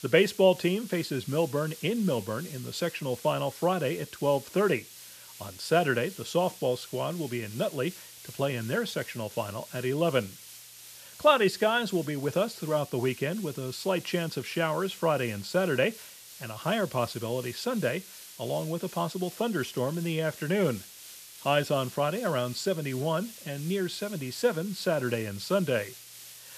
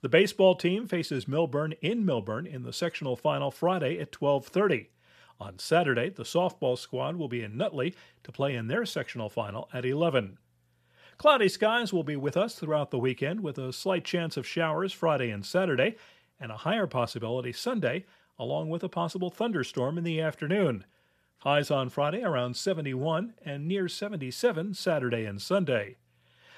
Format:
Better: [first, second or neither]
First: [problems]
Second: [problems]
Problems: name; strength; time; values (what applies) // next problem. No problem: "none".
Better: second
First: hiss; noticeable; throughout; 15 dB below the speech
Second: none